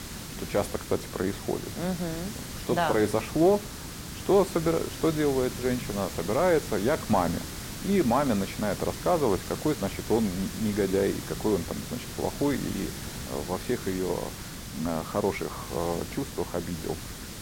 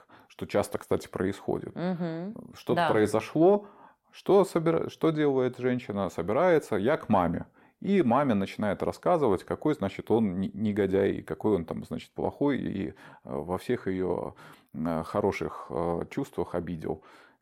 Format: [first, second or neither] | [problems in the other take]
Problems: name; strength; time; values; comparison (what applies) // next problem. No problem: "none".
second | hiss; loud; throughout; 9 dB below the speech